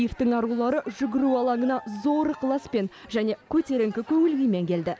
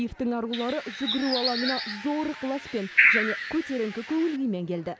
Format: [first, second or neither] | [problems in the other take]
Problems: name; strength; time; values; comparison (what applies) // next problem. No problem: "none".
first | background sound (Bird); 1 dB above the speech